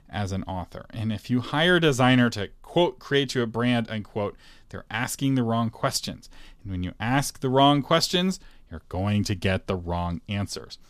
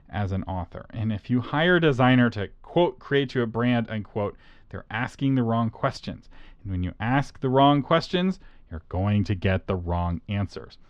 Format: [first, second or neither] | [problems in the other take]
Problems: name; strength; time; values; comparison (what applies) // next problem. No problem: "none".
first | muffled; slightly; fading above 2.5 kHz